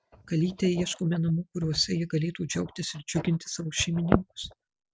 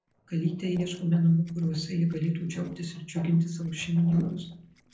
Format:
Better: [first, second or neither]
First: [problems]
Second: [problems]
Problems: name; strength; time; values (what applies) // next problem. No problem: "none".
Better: first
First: none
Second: noise reduction (neural separator model SepFormer DNS4)